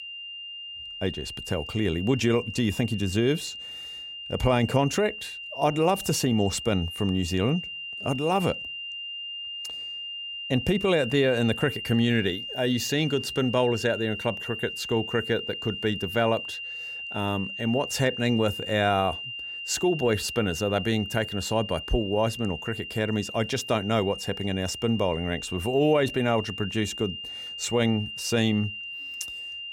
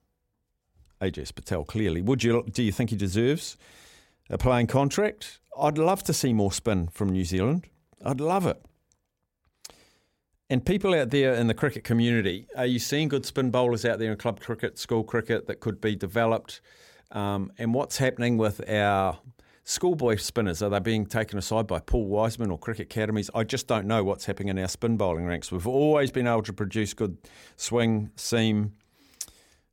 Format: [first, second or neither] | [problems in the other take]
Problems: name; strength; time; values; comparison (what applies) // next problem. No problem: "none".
second | high-pitched whine; loud; throughout; 3 kHz, 8 dB below the speech